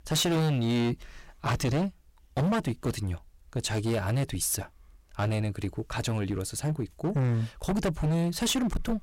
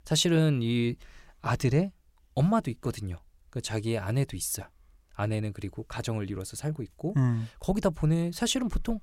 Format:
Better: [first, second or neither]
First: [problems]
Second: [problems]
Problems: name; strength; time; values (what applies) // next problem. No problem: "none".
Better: second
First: distortion; heavy; 18% of the sound clipped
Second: none